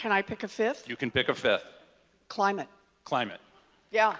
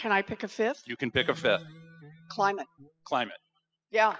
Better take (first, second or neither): first